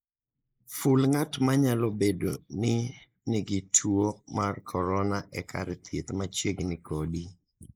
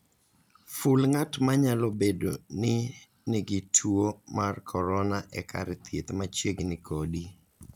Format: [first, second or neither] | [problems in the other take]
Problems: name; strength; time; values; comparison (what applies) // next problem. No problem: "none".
second | noise reduction (neural mask model Resemble Enhance denoiser)